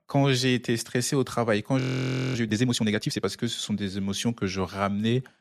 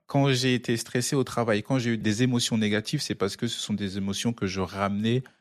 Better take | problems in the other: second | audio freezing; at 2 s for 0.5 s

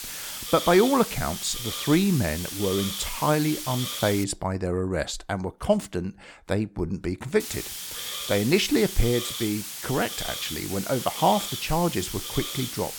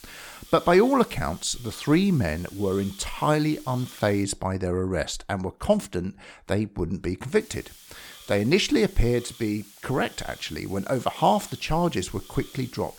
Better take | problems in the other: second | hiss; loud; until 4 s and from 7.5 s on; 6 dB below the speech; faint in the second

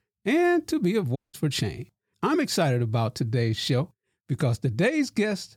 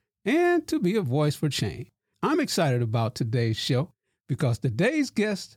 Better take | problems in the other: second | audio cutting out; at 1 s

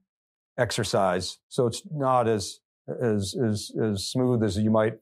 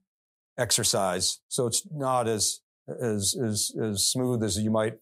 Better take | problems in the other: second | muffled; slightly; fading above 4 kHz

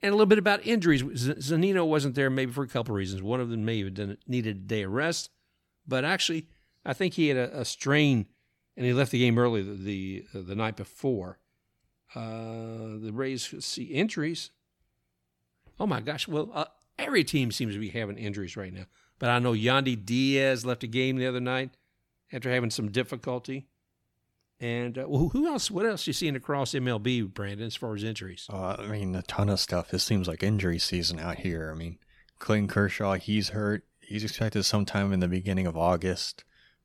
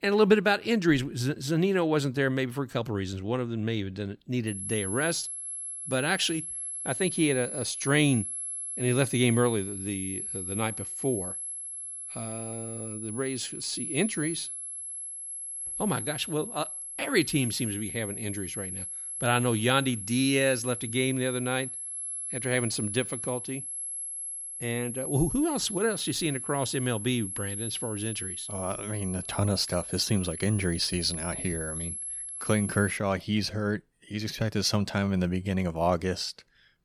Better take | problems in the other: first | high-pitched whine; loud; from 4.5 to 33 s; 11 kHz, 5 dB below the speech

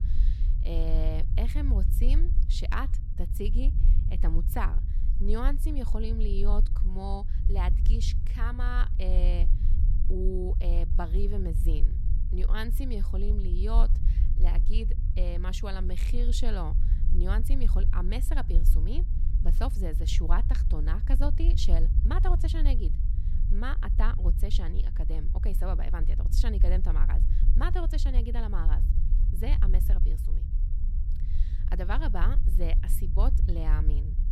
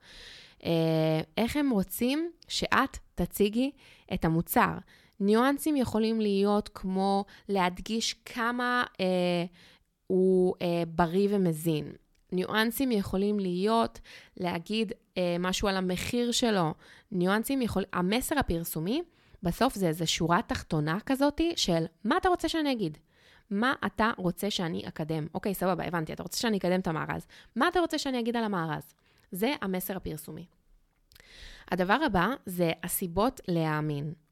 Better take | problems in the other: second | low rumble; loud; throughout; 10 dB below the speech

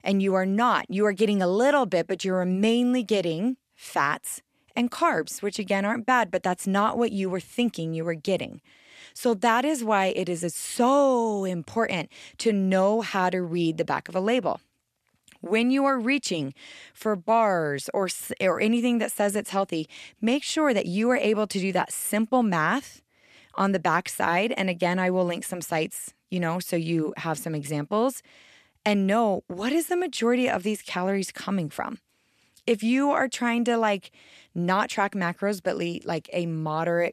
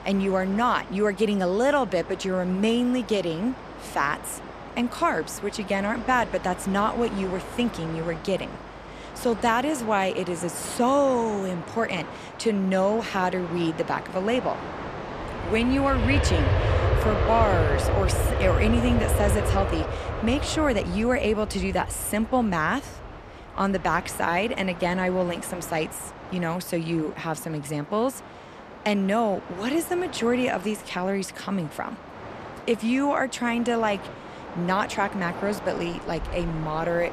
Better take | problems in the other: first | train or aircraft noise; loud; throughout; 6 dB below the speech

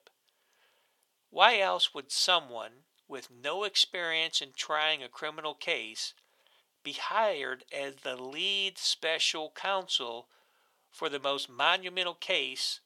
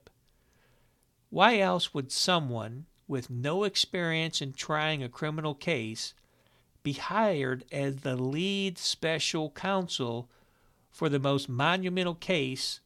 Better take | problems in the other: second | thin; very; fading below 650 Hz

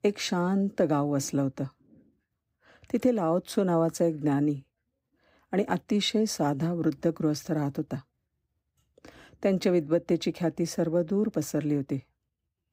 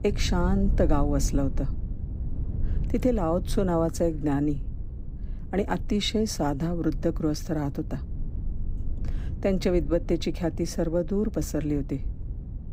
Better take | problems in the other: first | low rumble; noticeable; throughout; 20 dB below the speech

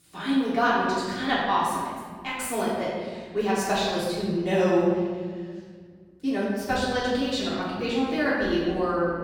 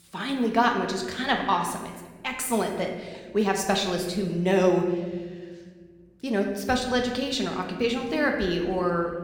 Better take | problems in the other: second | room echo; strong; dies away in 1.7 s; slight in the second // off-mic speech; far; somewhat distant in the second

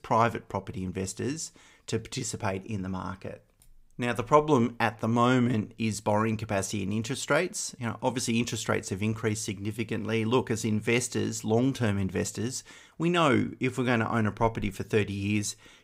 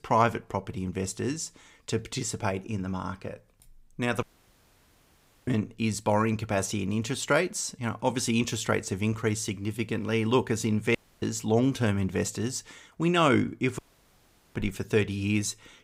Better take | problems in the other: first | audio cutting out; at 4 s for 1 s, at 11 s and at 14 s for 1 s

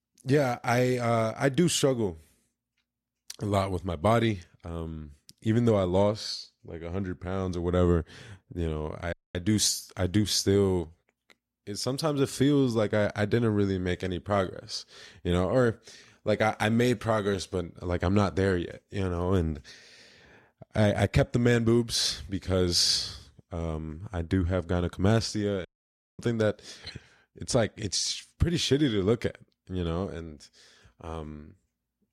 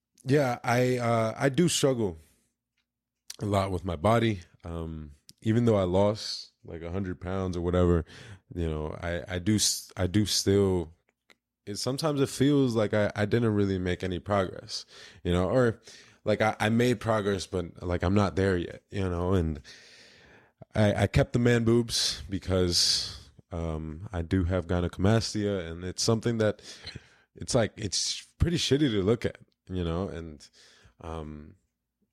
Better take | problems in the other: second | audio cutting out; at 9 s and at 26 s for 0.5 s

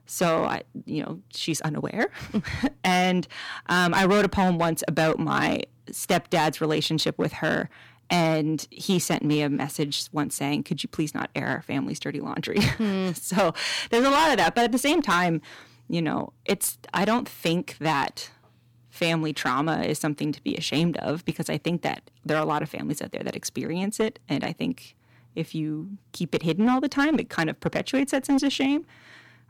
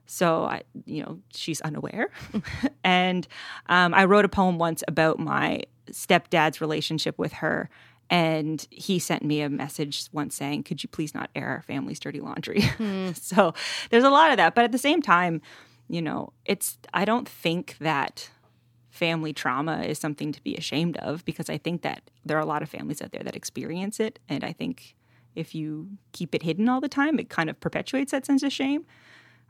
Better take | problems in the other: second | distortion; heavy; 7% of the sound clipped

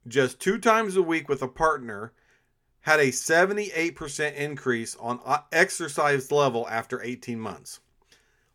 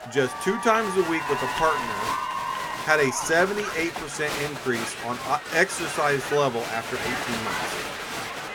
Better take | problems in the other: first | crowd noise; loud; throughout; 5 dB below the speech

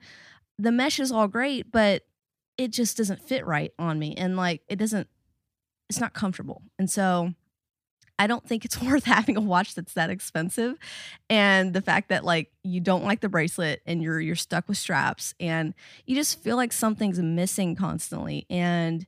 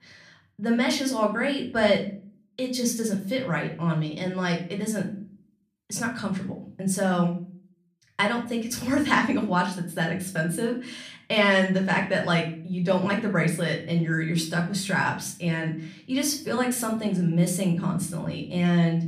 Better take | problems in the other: first | room echo; slight; dies away in 0.4 s // off-mic speech; somewhat distant

